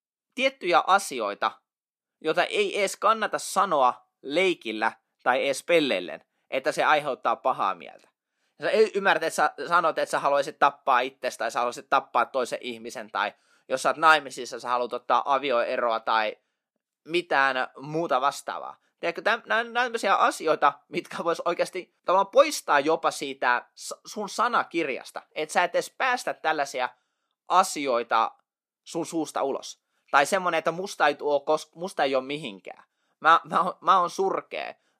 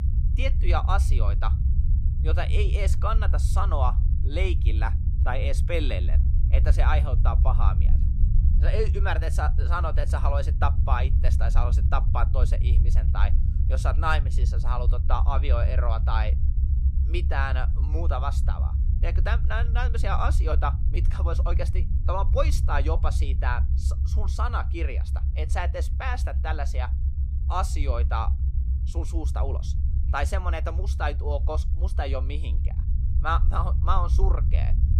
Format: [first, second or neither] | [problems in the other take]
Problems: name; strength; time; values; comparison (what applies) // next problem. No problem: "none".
first | low rumble; noticeable; throughout; 10 dB below the speech